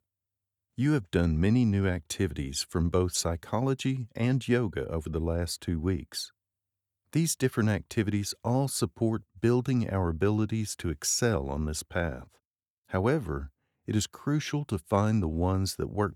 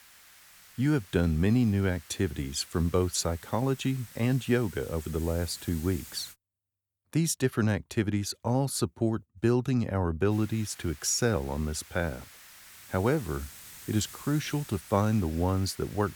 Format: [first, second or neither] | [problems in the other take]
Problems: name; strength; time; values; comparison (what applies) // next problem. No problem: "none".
first | hiss; noticeable; until 6.5 s and from 10 s on; 20 dB below the speech